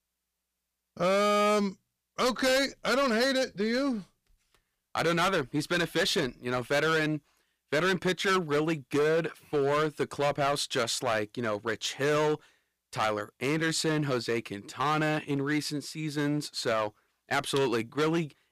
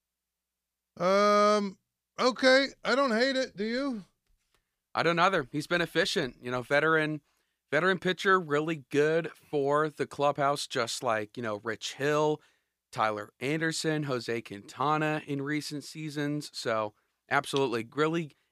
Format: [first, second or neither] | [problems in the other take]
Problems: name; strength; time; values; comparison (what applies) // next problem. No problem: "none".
second | distortion; heavy; 11% of the sound clipped